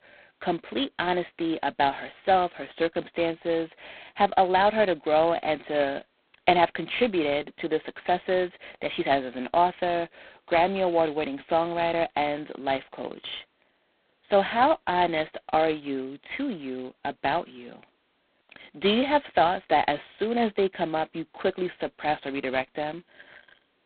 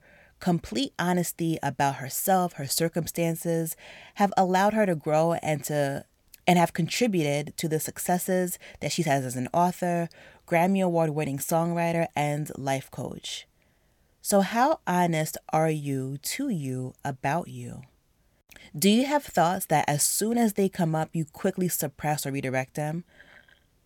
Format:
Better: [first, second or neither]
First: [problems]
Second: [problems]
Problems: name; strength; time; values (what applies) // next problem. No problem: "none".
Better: second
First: phone-call audio; poor line; nothing above 4 kHz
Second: none